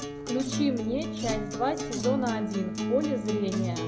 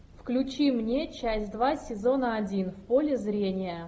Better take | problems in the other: second | background sound (Acoustic guitar); 1 dB below the speech

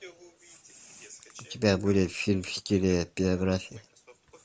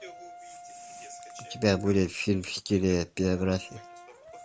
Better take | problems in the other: first | background sound (Brass instrument); 19 dB below the speech

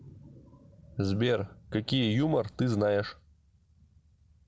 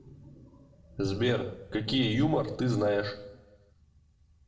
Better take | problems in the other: first | room echo; dies away in 0.7 s

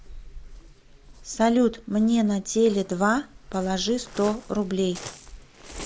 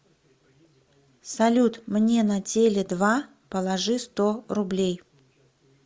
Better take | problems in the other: second | background sound (Waves, surf); 17 dB below the speech

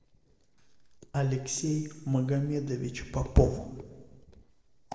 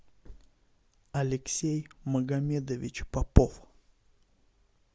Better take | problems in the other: second | noise reduction (neural separator model SepFormer DNS4)

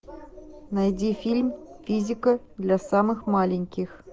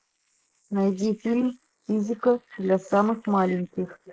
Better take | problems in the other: first | noise reduction (neural mask model Resemble Enhance denoiser)

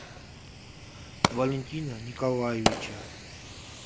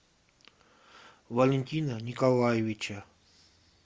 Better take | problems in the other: second | background sound (Fire); 1 dB below the speech

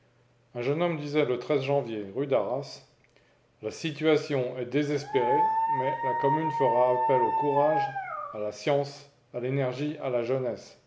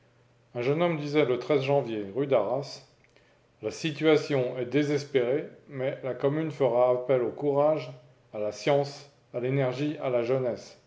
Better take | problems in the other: second | background sound (Dog); 1 dB above the speech

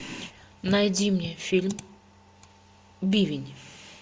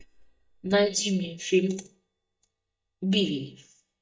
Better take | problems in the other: first | noise reduction (neural mask model DeepFilterNet 3)

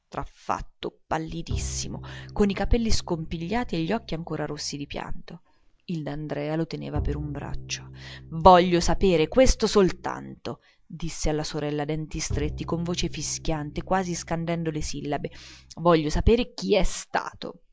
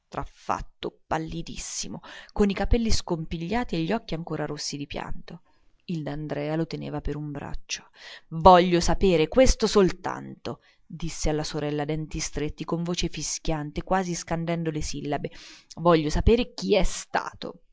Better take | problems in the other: second | background sound (Bowed string instrument); 13 dB below the speech

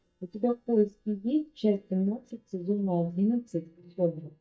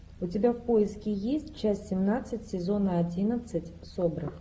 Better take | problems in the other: second | noise reduction (neural mask model DeepFilterNet 3)

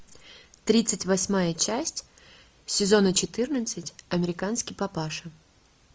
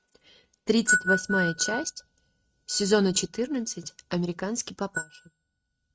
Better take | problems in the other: first | noise reduction (neural mask model RNNoise)

